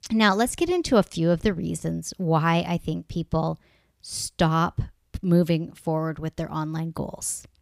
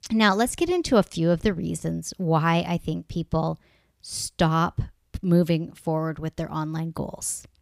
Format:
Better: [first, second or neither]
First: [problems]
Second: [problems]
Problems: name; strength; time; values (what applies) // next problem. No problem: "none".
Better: neither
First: none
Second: none